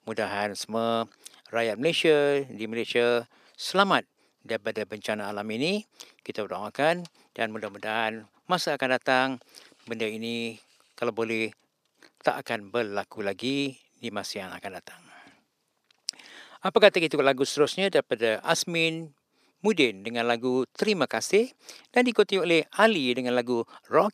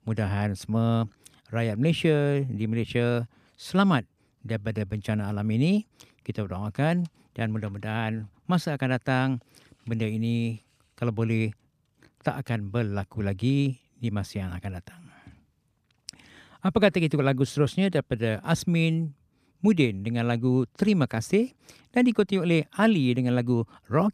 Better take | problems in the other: second | thin; somewhat; fading below 450 Hz

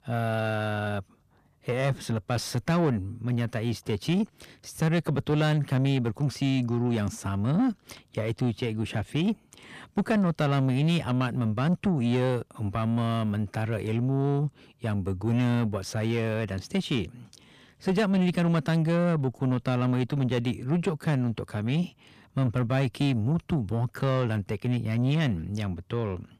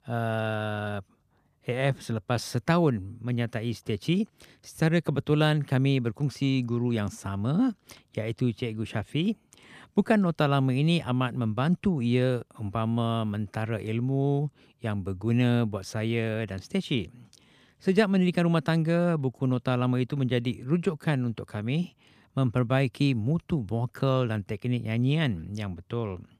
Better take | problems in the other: second | distortion; slight; 10 dB below the speech

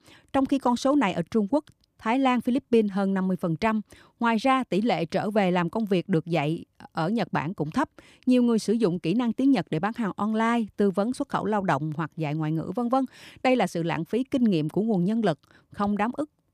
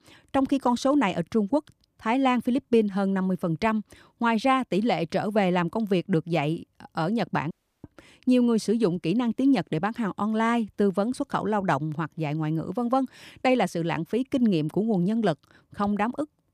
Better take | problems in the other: first | audio cutting out; at 7.5 s

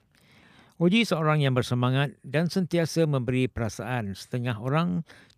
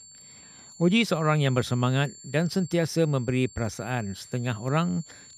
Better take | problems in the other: first | high-pitched whine; noticeable; throughout; 7.5 kHz, 20 dB below the speech

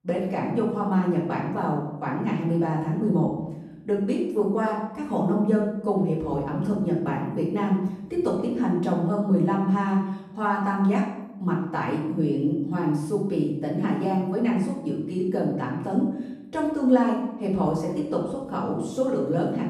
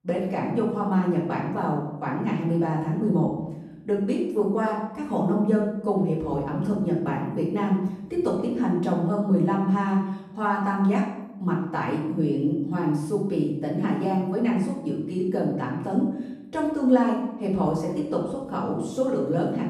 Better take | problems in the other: neither | off-mic speech; far; the same in both // room echo; noticeable; dies away in 0.8 s; the same in both

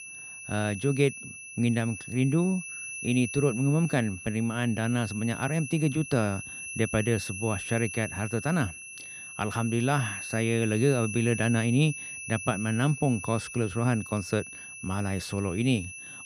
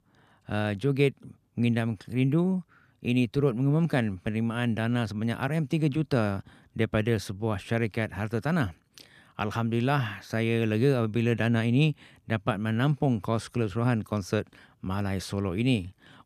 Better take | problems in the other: second | high-pitched whine; loud; throughout; 2.5 kHz, 9 dB below the speech

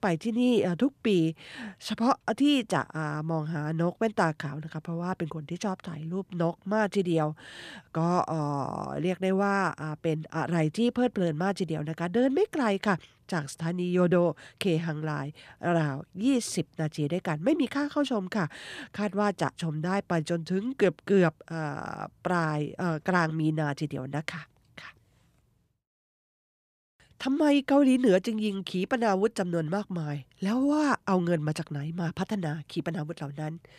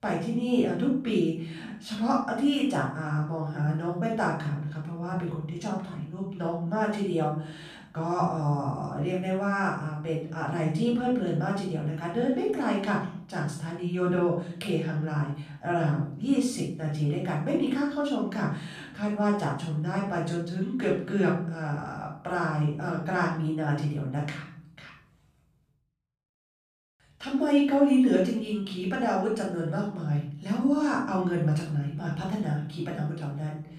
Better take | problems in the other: first | off-mic speech; far // room echo; noticeable; dies away in 0.5 s

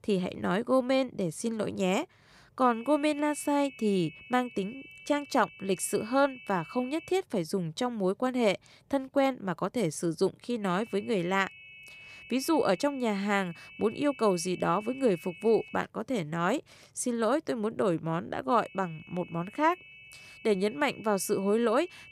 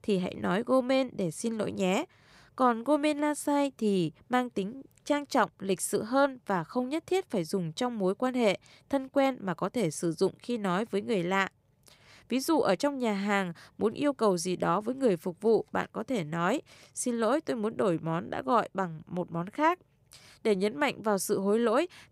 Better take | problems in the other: second | high-pitched whine; noticeable; from 2.5 to 7 s, from 11 to 16 s and from 19 s on; 2.5 kHz, 20 dB below the speech

